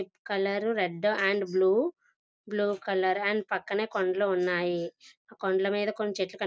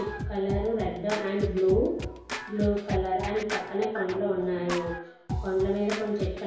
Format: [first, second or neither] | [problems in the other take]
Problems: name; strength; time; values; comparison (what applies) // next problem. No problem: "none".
first | background sound (Scratching (performance technique)); 7 dB below the speech // room echo; dies away in 2.2 s